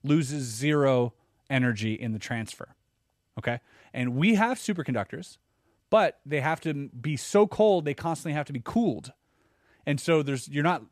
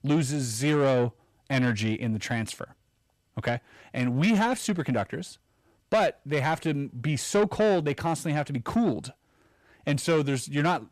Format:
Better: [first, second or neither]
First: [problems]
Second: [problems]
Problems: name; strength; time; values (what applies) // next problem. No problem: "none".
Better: first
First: none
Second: distortion; slight; 10 dB below the speech